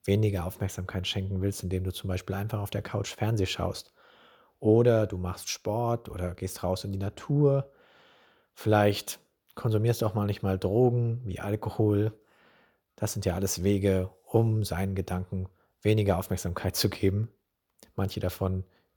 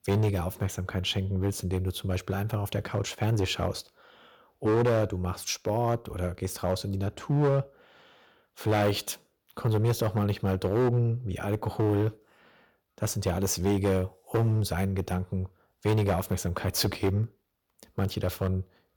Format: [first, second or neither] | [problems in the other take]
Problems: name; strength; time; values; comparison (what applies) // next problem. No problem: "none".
first | distortion; slight; 5% of the sound clipped